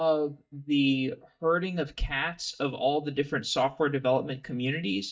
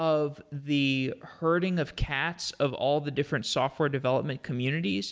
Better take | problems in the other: second | noise reduction (neural mask model DeepFilterNet 3)

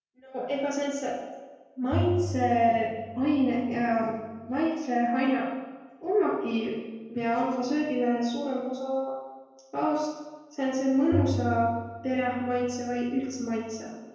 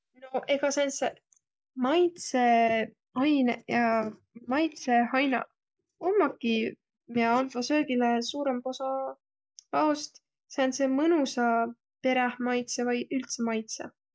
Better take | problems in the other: second | background sound (Bowed string instrument); 7 dB below the speech // room echo; dies away in 1.1 s

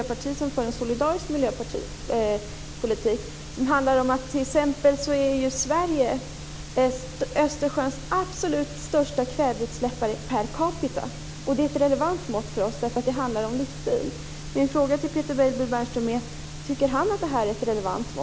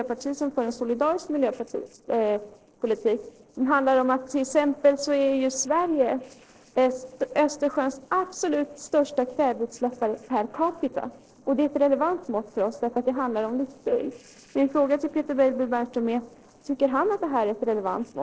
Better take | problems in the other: first | noise reduction (neural separator model SepFormer DNS4)

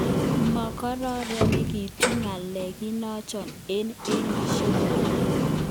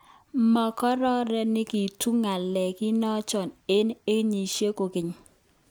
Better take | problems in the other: second | background sound (Sliding door); 4 dB above the speech

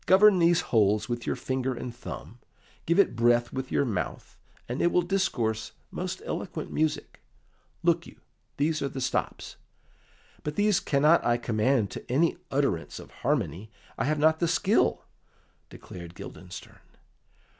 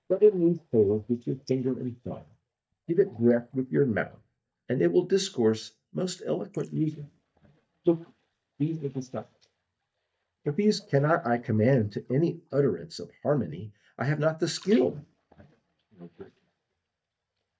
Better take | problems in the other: first | noise reduction (neural mask model DeepFilterNet 3)

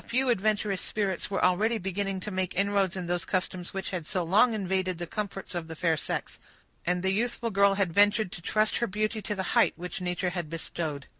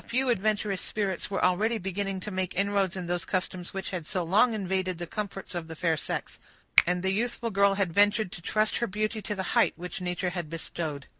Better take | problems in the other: first | noise reduction (neural mask model Resemble Enhance denoiser)

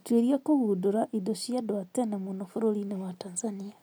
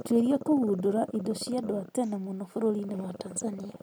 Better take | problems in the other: first | background sound (Growling); 14 dB below the speech

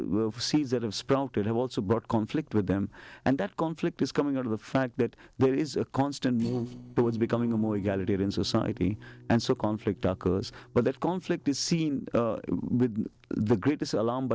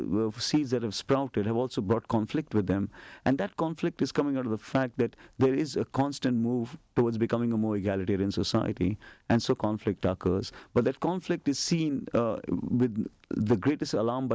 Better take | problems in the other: second | noise reduction (neural separator model SepFormer DNS4)

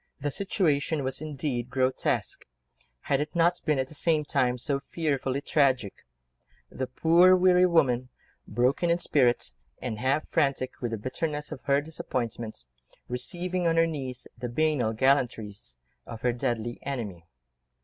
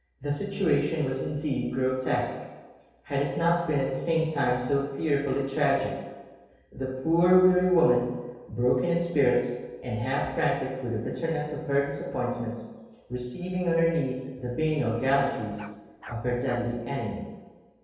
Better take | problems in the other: first | background sound (Bark); 20 dB below the speech // room echo; dies away in 1.2 s

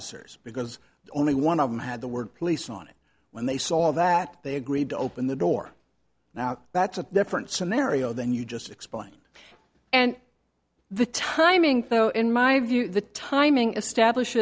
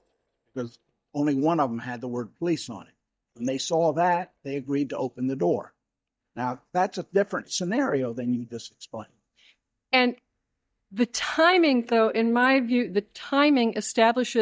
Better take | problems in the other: first | noise reduction (neural mask model DeepFilterNet 3)

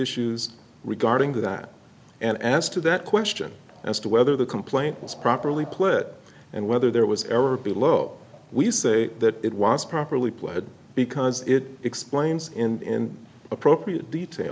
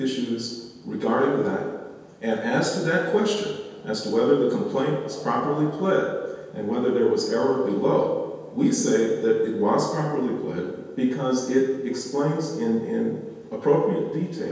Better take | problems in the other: first | room echo; dies away in 1.2 s

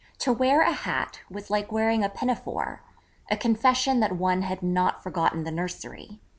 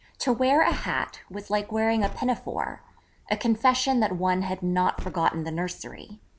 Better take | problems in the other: first | background sound (Car); 13 dB below the speech

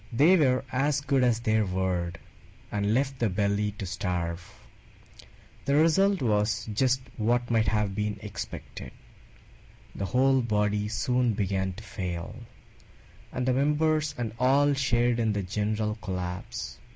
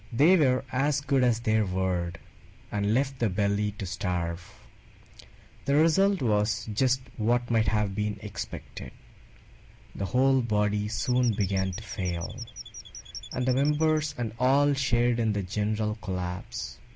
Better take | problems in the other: first | background sound (Squeak / Chirp, tweet); 15 dB below the speech

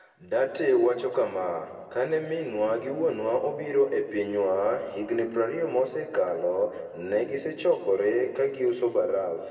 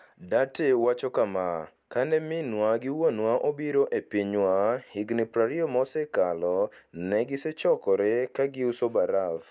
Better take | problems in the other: second | room echo; dies away in 1.7 s

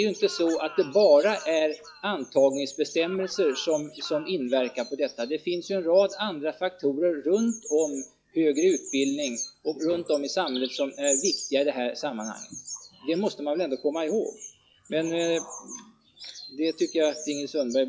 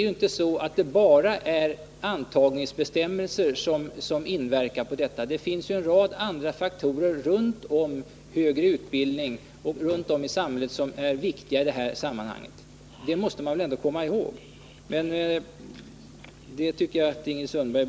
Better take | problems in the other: second | noise reduction (classical method log-MMSE)

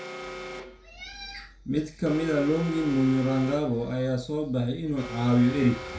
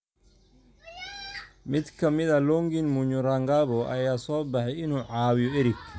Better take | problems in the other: second | background sound (Alarm); 13 dB below the speech // room echo; dies away in 0.3 s

